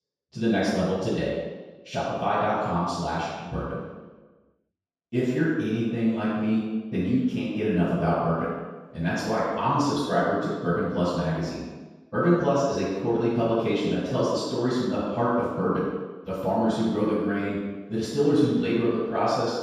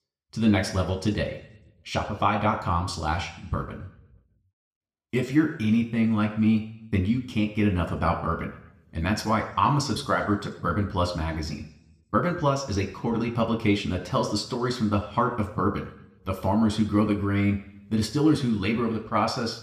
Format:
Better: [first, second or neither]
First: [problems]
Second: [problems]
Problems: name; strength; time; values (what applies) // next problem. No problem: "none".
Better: second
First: room echo; strong; dies away in 1.2 s // off-mic speech; far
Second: room echo; slight; dies away in 0.7 s